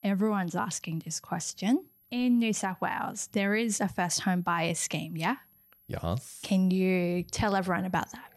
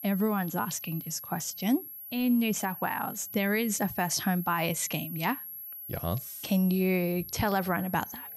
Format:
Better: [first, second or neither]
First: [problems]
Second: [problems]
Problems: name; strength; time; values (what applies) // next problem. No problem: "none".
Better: first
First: high-pitched whine; faint; throughout; 11.5 kHz, 30 dB below the speech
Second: high-pitched whine; loud; throughout; 11.5 kHz, 10 dB below the speech